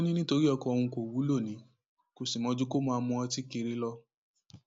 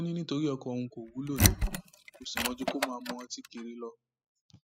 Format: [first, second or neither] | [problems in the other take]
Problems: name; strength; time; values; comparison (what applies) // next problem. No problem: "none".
first | noise reduction (classical method spectral subtraction)